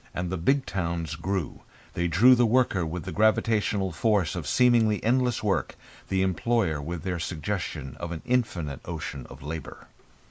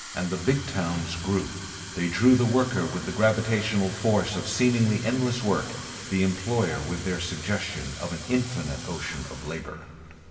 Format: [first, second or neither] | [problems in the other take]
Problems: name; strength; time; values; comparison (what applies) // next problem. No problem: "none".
first | background sound (Fill (with liquid) / Water tap, faucet); 14 dB below the speech // room echo; dies away in 2.3 s